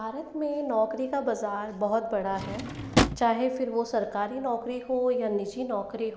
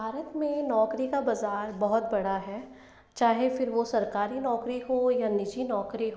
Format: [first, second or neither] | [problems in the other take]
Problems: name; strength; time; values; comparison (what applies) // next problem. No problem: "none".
second | background sound (Drawer open or close); as loud as the speech